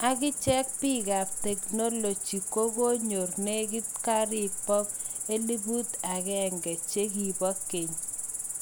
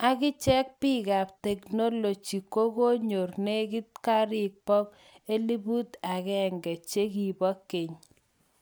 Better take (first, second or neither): second